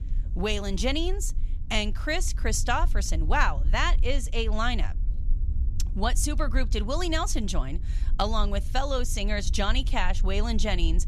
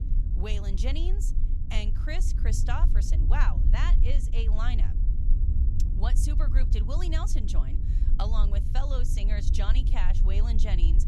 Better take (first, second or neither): first